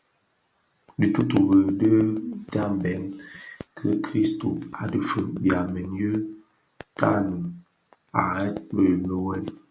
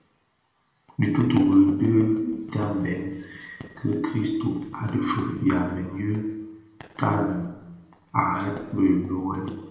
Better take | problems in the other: first | room echo; dies away in 1 s

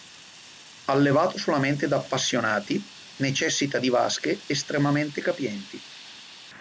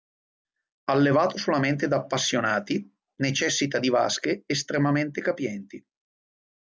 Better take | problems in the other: second | background sound (Fire); 19 dB below the speech

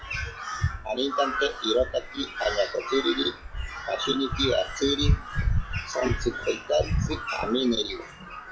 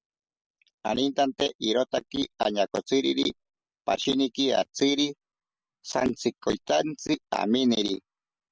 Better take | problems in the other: second | noise reduction (classical method WPE with log-MMSE)

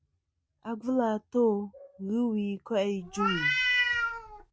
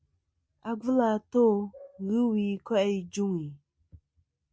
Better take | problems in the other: second | background sound (Meow); 2 dB above the speech

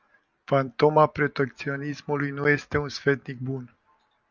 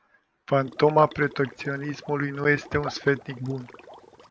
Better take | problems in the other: first | background sound (Liquid); 16 dB below the speech

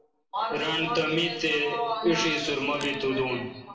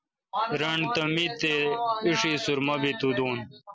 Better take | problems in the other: second | background sound (Crushing); 18 dB below the speech // room echo; dies away in 0.9 s

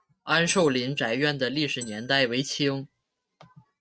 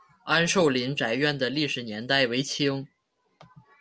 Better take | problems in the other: second | noise reduction (neural mask model RNNoise)

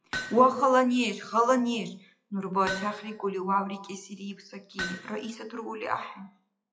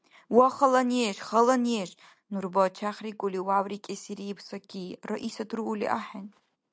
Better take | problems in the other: second | noise reduction (classical method WPE with log-MMSE)

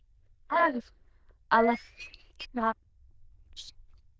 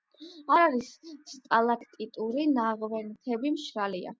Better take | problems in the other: second | noise reduction (neural diffusion model UNIVERSE++)

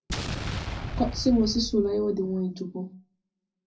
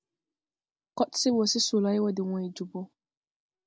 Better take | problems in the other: second | background sound (Explosion); 7 dB below the speech // room echo; dies away in 0.4 s

